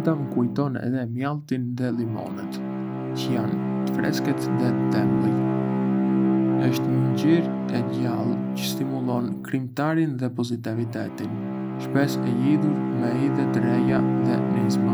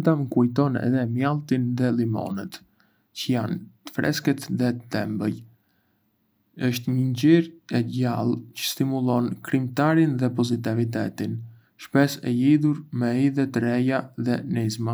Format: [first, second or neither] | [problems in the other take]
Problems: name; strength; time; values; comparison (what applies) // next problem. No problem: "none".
second | background sound (Bowed string instrument); 1 dB above the speech